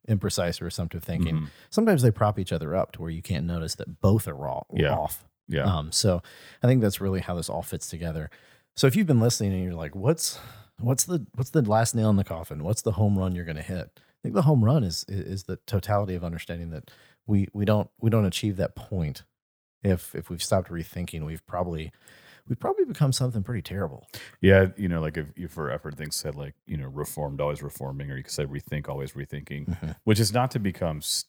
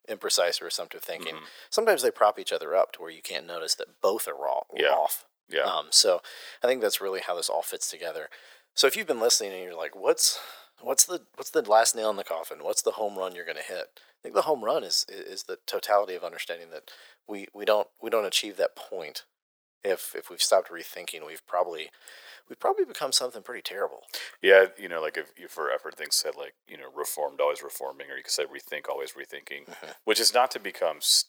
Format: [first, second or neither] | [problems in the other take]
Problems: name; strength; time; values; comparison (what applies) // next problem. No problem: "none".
first | thin; very; fading below 450 Hz